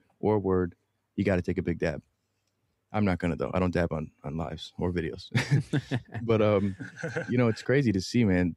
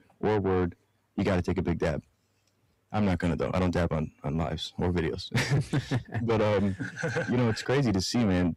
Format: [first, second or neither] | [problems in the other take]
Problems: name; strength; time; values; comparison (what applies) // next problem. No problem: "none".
first | distortion; heavy; 8 dB below the speech